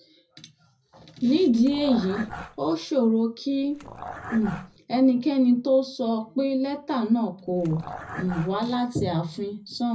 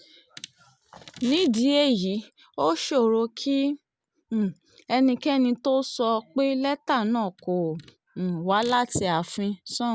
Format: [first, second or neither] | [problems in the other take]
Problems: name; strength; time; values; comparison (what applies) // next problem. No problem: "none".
second | background sound (Dog); 13 dB below the speech // room echo; dies away in 0.4 s